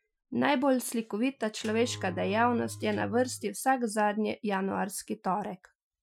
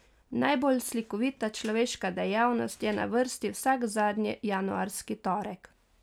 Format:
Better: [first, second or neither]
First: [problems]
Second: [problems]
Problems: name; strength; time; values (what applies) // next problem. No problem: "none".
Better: second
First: noise reduction (classical method Wiener filter)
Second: none